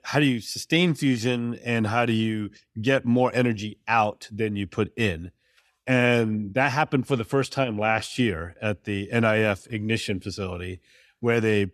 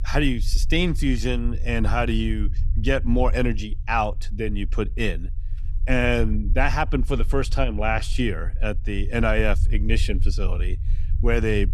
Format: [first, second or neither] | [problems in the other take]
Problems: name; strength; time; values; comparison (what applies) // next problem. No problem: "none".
first | low rumble; faint; throughout; 20 dB below the speech